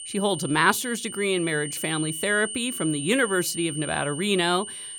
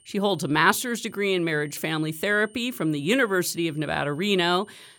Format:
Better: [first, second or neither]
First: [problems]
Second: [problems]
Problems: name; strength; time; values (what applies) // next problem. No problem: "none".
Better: second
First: high-pitched whine; loud; throughout; 9 kHz, 8 dB below the speech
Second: high-pitched whine; faint; throughout; 9 kHz, 30 dB below the speech